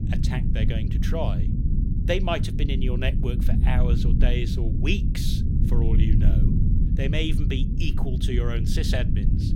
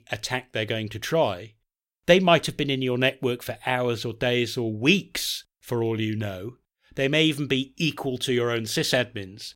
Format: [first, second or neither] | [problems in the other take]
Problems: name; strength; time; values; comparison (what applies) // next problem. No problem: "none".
second | low rumble; loud; throughout; 5 dB below the speech